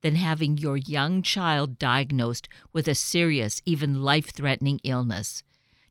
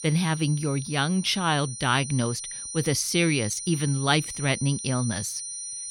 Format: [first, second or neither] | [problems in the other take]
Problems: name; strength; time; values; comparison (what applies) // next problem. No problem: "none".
first | high-pitched whine; loud; throughout; 9.5 kHz, 8 dB below the speech